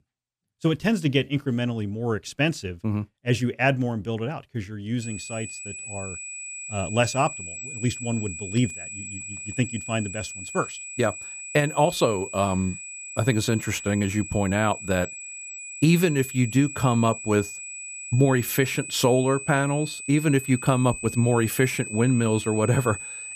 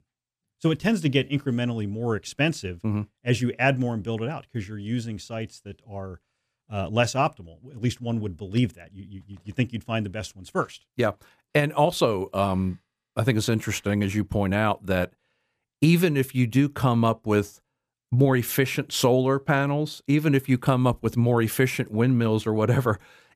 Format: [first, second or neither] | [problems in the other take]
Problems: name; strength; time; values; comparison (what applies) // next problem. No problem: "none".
second | high-pitched whine; loud; from 5 s on; 2.5 kHz, 10 dB below the speech